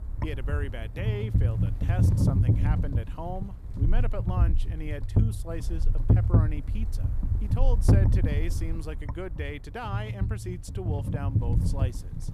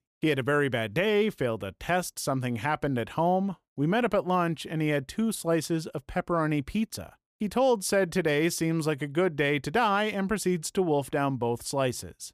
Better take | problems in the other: second | wind noise on the microphone; heavy; as loud as the speech

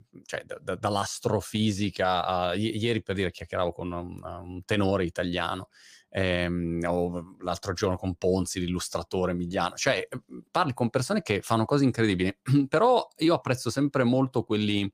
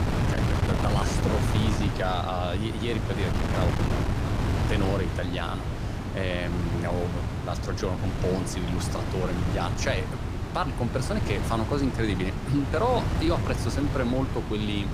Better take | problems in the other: first | wind noise on the microphone; heavy; 3 dB below the speech

